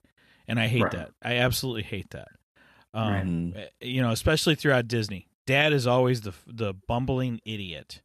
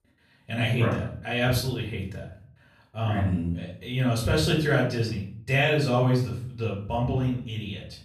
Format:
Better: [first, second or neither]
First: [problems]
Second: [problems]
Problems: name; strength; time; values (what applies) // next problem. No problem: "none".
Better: first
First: none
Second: off-mic speech; far // room echo; slight; dies away in 0.5 s